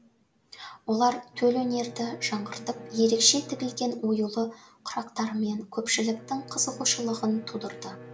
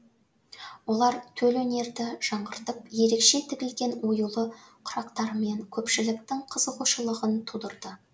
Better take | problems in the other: second | background sound (Bowed string instrument); 18 dB below the speech

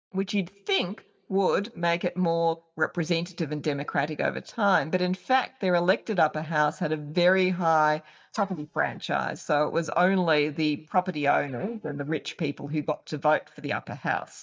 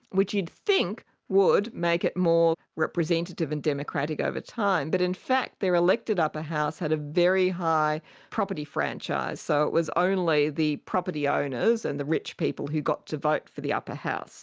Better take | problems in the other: second | noise reduction (neural mask model DeepFilterNet 3)

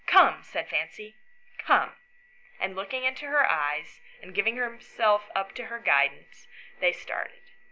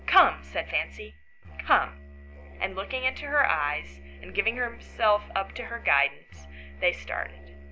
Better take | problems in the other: first | background sound (Musical instrument); 17 dB below the speech

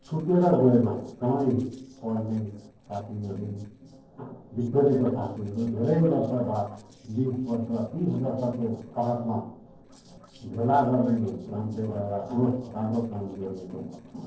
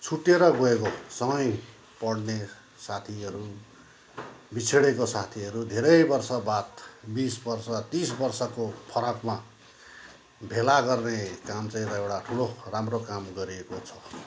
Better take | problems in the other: second | noise reduction (neural separator model SepFormer DNS4)

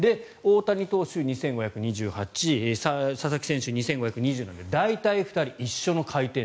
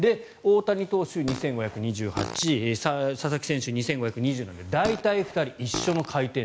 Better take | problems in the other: first | background sound (Fart); 12 dB below the speech

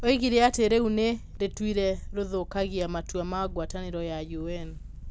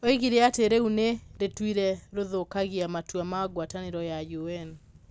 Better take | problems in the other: second | background sound (Purr); 11 dB below the speech

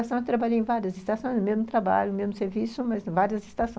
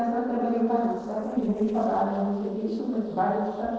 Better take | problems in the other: first | noise reduction (neural separator model SepFormer DNS4)

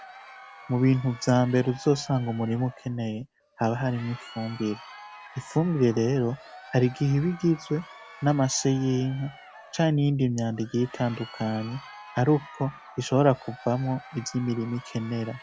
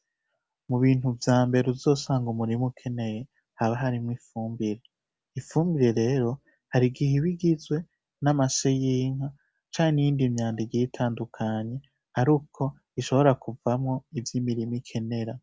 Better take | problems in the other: second | background sound (Crowd); 20 dB below the speech

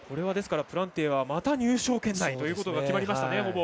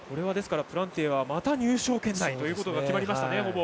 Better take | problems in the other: first | background sound (Wind); 20 dB below the speech

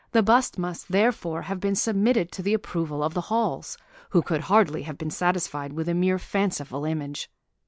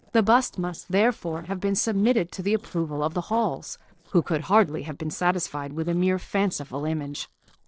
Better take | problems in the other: first | noise reduction (neural separator model SepFormer DNS4)

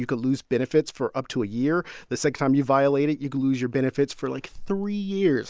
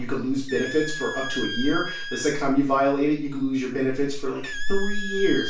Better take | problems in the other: first | background sound (Squeak); 12 dB below the speech // room echo; dies away in 0.3 s

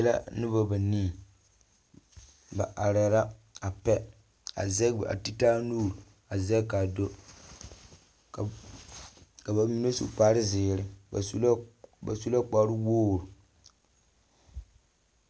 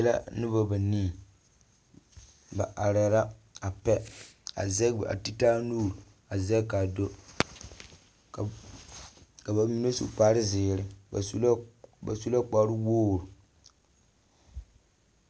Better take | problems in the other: first | background sound (Fireworks); 19 dB below the speech

